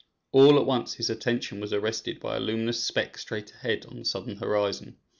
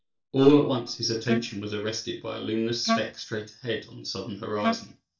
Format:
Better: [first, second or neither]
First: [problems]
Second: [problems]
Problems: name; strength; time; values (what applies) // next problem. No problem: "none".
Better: first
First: none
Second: noise reduction (neural mask model DeepFilterNet 3)